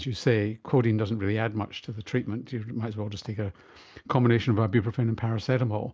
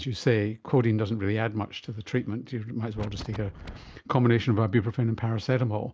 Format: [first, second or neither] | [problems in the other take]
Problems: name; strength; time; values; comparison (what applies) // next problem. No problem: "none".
first | background sound (Wind); 13 dB below the speech